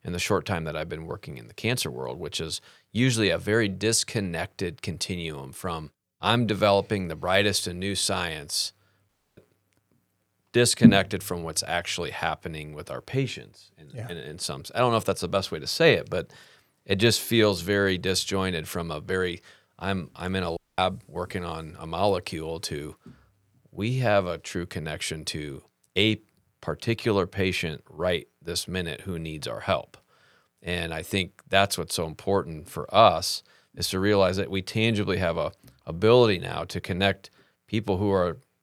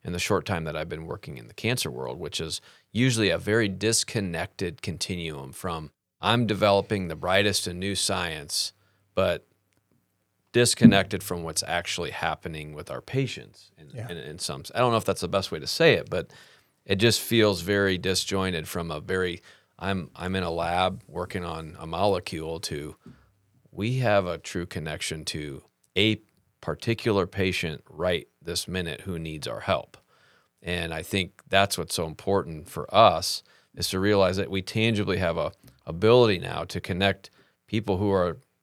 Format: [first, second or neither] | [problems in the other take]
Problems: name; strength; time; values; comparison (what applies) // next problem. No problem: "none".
second | audio cutting out; at 9 s and at 21 s